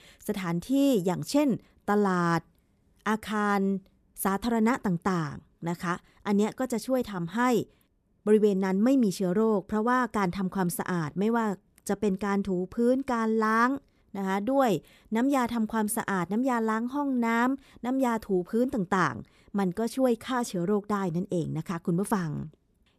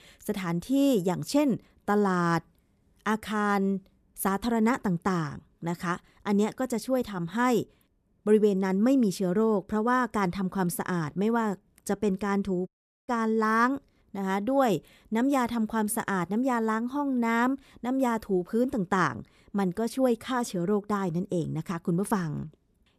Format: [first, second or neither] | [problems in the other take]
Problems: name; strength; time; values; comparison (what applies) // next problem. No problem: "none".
first | audio cutting out; at 13 s